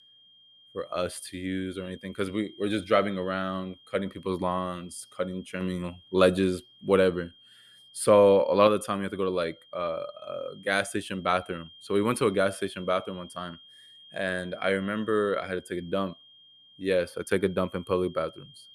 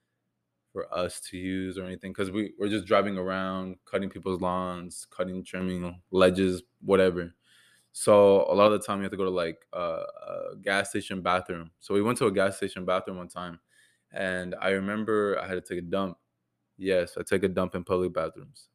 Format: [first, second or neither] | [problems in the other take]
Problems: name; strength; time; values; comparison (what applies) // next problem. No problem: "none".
second | high-pitched whine; faint; throughout; 3 kHz, 25 dB below the speech